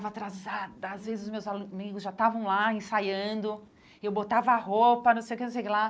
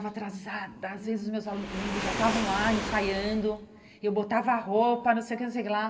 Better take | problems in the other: first | background sound (Waves, surf); 9 dB below the speech // room echo; dies away in 1 s

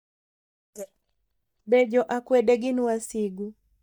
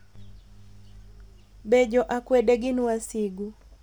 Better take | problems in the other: second | noise reduction (neural mask model DeepFilterNet 3)

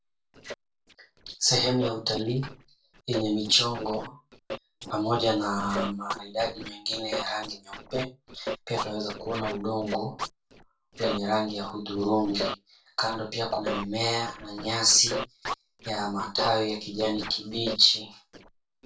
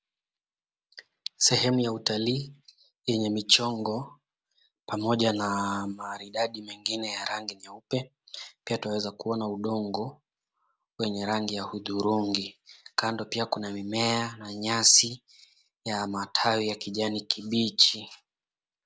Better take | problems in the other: second | noise reduction (neural separator model SepFormer DNS4)

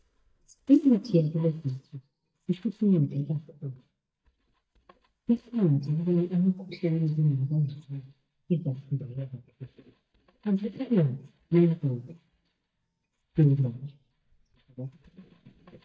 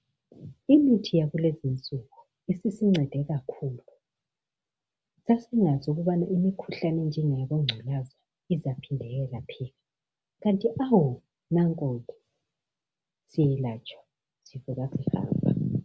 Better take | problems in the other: second | noise reduction (neural mask model DeepFilterNet 3)

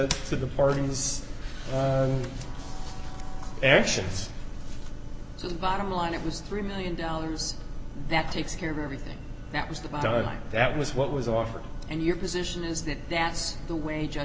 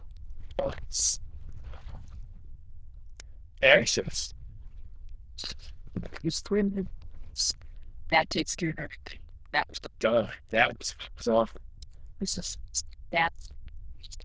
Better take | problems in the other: first | noise reduction (neural diffusion model UNIVERSE++)

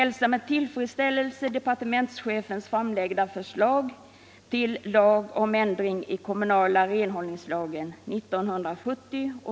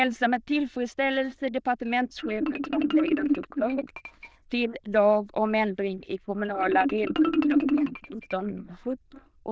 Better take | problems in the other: first | noise reduction (neural diffusion model UNIVERSE++)

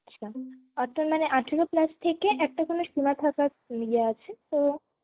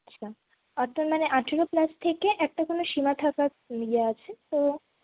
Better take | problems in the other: second | noise reduction (neural mask model DeepFilterNet 3)

